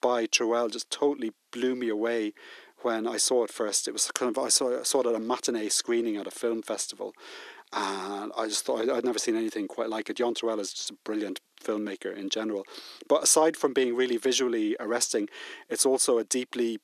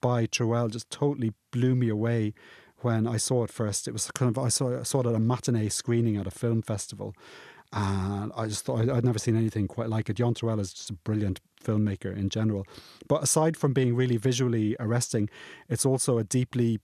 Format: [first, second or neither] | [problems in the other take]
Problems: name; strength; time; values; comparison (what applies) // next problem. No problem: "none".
second | thin; somewhat; fading below 300 Hz